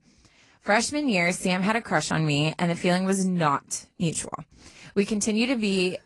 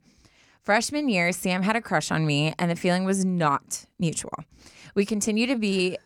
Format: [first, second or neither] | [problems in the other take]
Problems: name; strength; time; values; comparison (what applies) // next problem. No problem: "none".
second | garbled, watery; slightly; nothing above 10.5 kHz